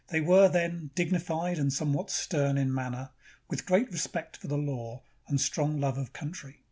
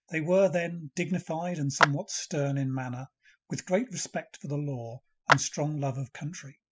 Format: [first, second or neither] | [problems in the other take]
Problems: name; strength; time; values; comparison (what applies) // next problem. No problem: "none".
first | noise reduction (classical method spectral subtraction)